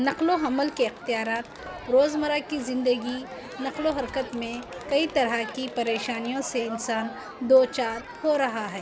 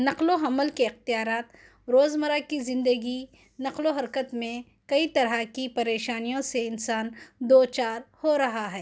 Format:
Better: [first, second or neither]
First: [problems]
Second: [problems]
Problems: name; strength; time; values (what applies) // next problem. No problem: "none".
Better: second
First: background sound (Crowd); 13 dB below the speech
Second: none